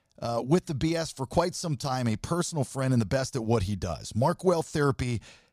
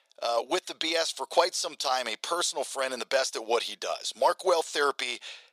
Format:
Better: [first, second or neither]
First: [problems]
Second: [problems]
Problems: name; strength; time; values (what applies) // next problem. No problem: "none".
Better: first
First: none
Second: thin; very; fading below 450 Hz